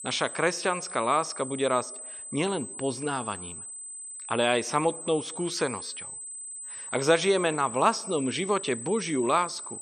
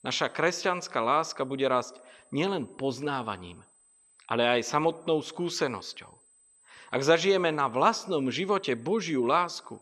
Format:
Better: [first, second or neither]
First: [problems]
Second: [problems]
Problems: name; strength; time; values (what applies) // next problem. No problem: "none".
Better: second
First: high-pitched whine; loud; throughout; 8 kHz, 9 dB below the speech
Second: high-pitched whine; faint; throughout; 8 kHz, 30 dB below the speech